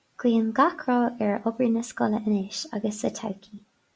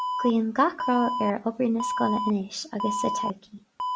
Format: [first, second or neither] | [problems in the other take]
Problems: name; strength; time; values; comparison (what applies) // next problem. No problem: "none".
first | background sound (Alarm); 4 dB below the speech